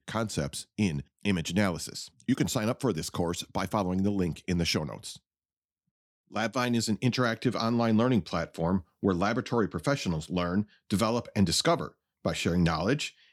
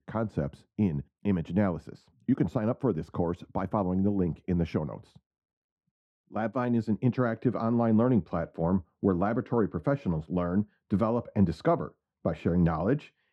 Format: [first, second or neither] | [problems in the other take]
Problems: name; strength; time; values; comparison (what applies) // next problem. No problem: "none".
first | muffled; very; fading above 2.5 kHz